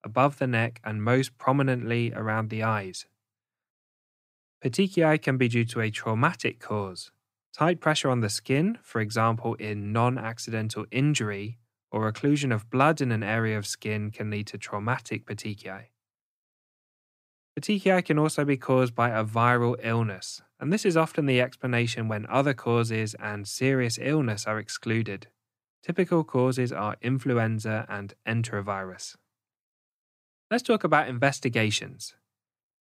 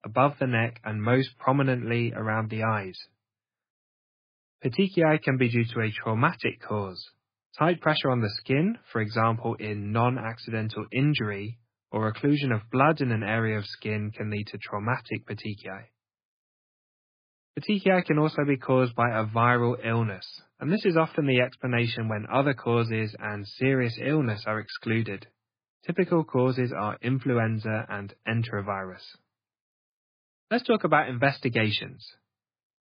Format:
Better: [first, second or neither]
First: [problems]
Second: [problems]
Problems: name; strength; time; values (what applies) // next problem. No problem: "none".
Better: first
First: none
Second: garbled, watery; badly